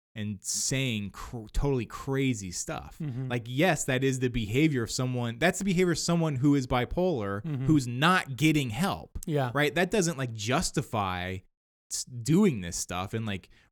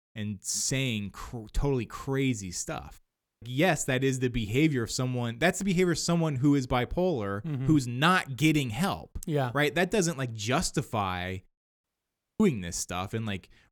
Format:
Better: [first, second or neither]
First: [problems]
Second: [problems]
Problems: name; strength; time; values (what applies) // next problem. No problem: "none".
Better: first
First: none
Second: audio cutting out; at 3 s and at 12 s for 0.5 s